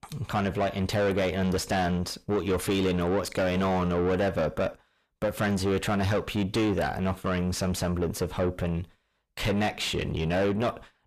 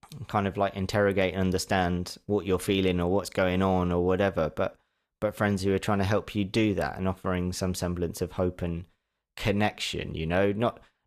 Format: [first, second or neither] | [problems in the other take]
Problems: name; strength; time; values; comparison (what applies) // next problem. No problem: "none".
second | distortion; heavy; 7 dB below the speech